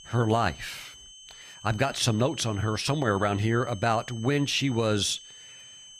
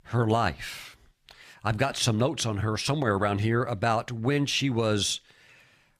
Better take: second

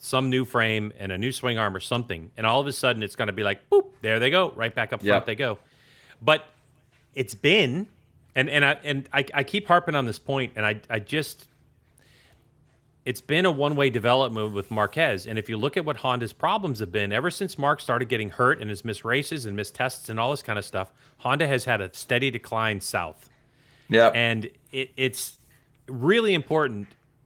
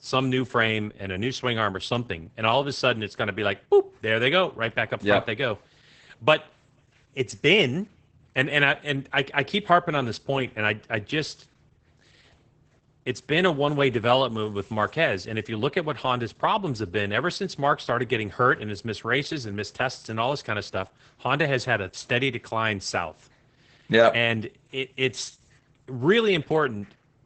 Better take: first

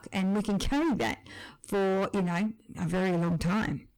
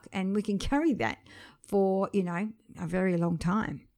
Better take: second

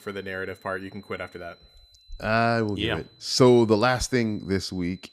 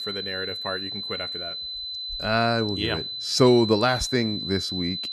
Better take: first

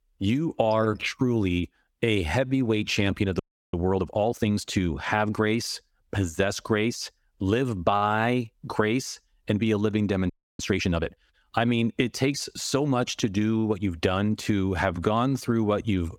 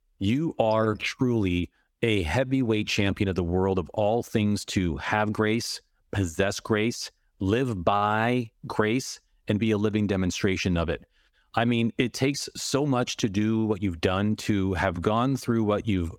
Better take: second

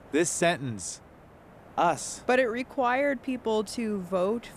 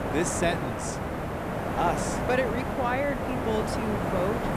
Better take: first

